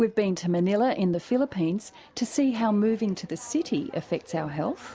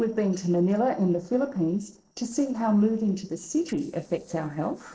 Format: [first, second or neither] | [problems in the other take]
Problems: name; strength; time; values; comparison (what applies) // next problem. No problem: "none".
first | noise reduction (neural separator model SepFormer DNS4)